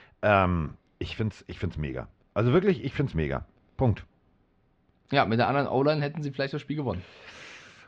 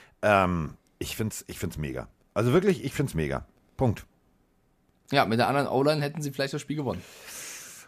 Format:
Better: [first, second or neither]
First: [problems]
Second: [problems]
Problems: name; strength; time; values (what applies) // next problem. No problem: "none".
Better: second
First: muffled; very slightly; fading above 4 kHz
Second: none